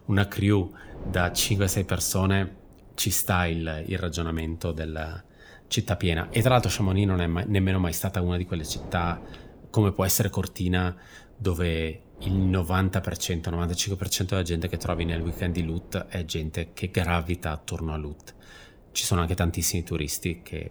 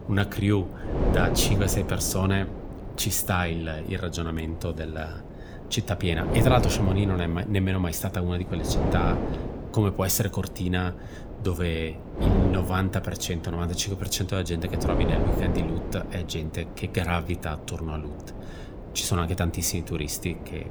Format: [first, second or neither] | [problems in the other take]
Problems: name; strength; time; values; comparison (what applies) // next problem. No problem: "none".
first | wind noise on the microphone; heavy; 6 dB below the speech; occasional gusts in the first